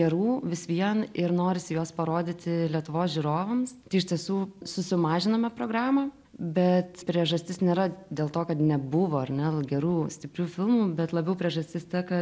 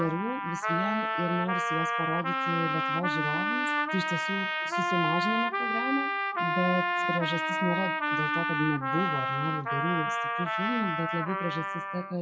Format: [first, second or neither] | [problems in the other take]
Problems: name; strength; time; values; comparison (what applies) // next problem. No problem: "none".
first | noise reduction (classical method WPE with log-MMSE)